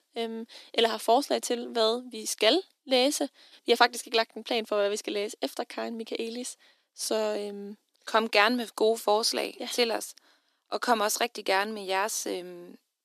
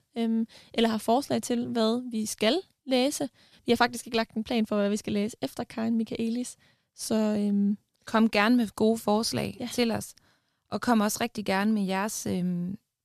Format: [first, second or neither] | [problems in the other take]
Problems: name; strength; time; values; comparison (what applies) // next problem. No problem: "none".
second | thin; somewhat; fading below 300 Hz